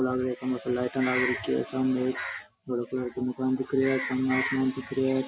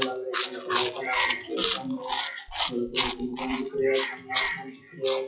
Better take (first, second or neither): first